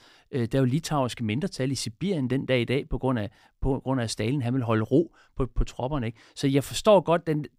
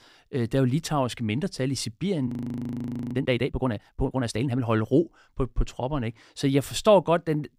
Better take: first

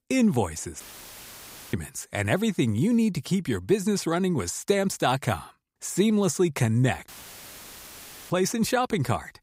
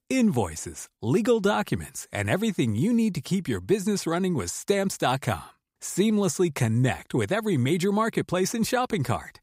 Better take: second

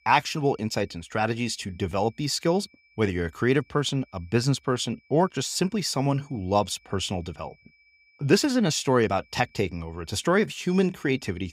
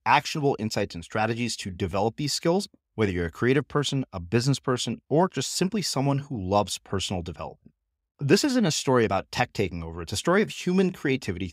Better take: second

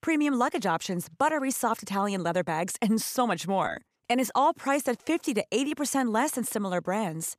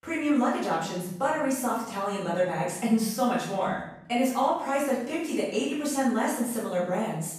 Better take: first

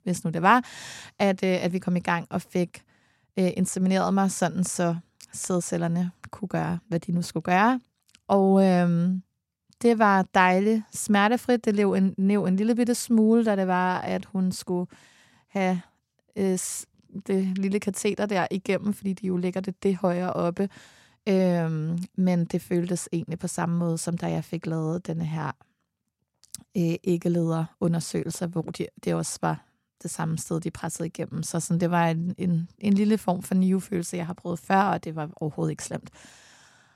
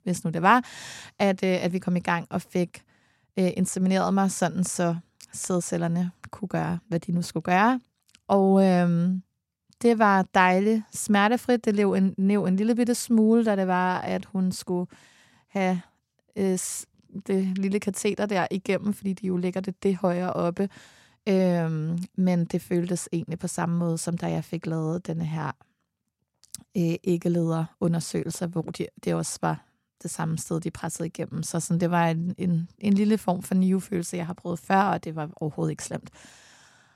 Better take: neither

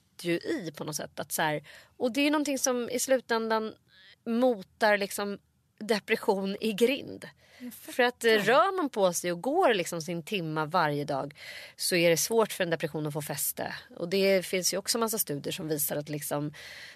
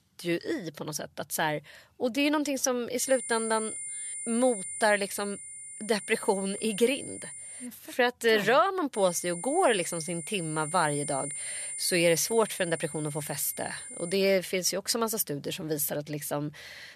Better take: first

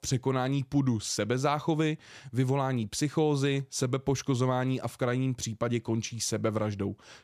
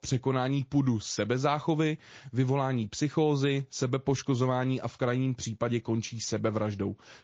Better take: first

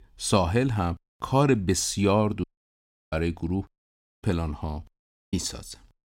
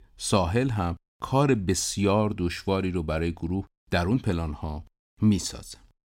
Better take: second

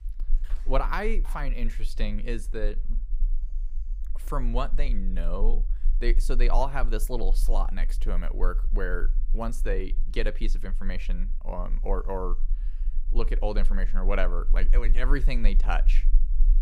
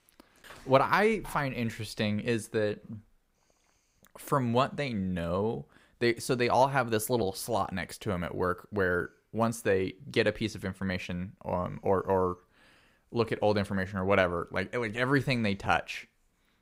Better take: second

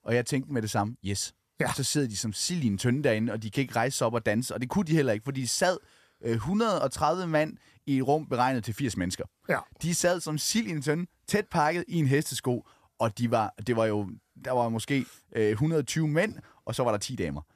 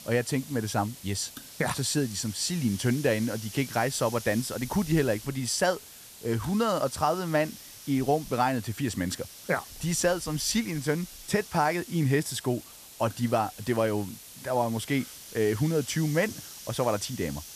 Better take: first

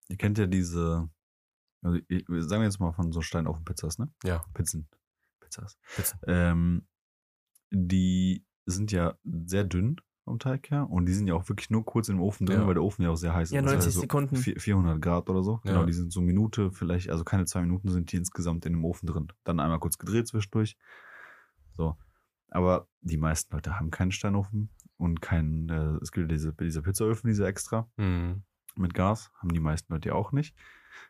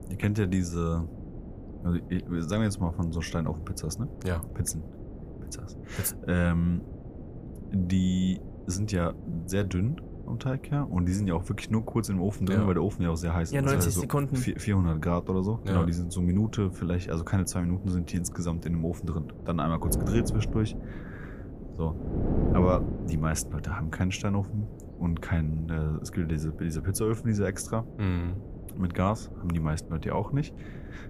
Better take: first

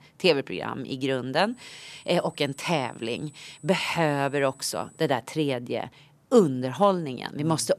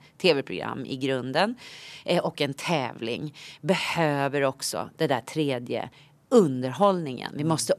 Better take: second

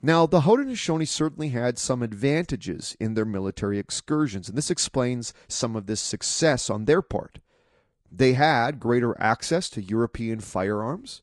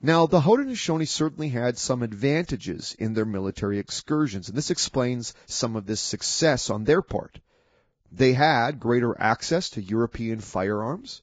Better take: first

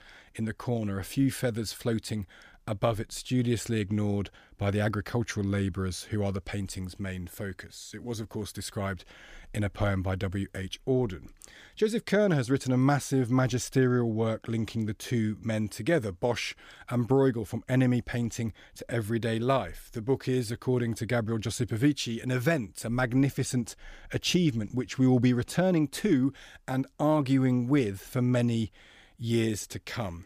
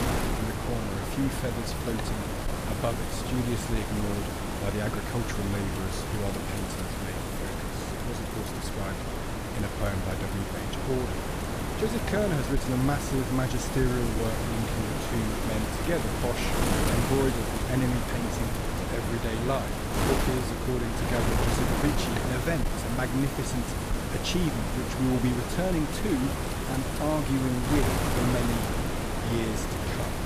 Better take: first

